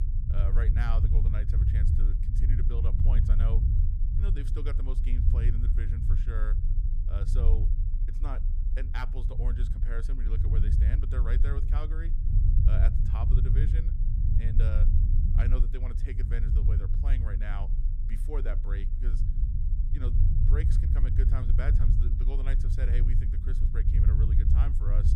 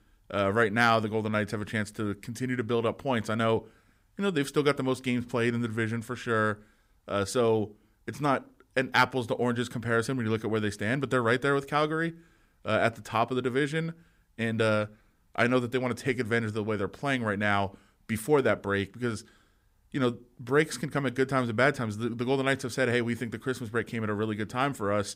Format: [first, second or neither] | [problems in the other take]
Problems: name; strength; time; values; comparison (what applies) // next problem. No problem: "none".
second | low rumble; loud; throughout; 1 dB below the speech